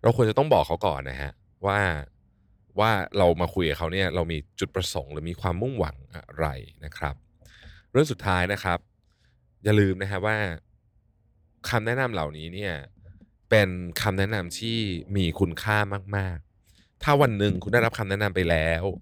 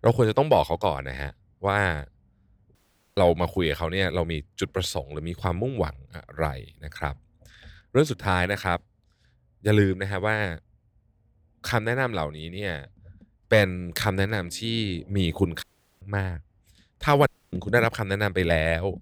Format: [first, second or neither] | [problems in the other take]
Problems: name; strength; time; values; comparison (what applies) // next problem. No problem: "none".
first | audio cutting out; at 3 s, at 16 s and at 17 s